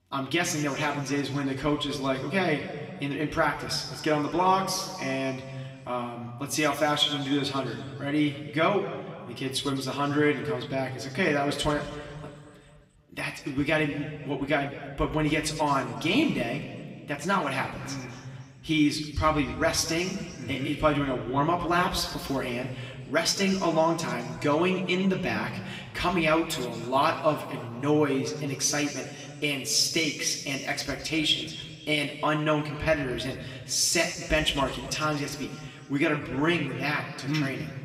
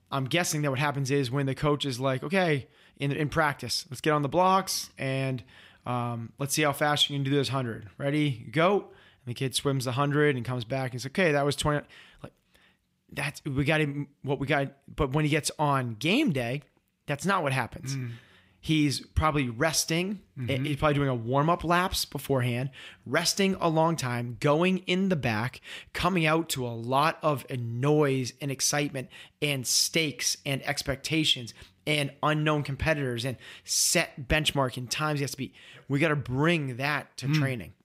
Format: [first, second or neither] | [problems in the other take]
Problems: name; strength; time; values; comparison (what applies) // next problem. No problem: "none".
second | room echo; slight; dies away in 2.1 s // off-mic speech; somewhat distant